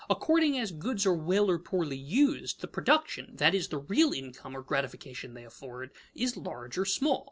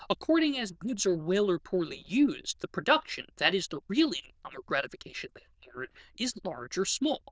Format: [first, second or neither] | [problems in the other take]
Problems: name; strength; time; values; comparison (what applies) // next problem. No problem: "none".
first | noise reduction (neural diffusion model UNIVERSE++)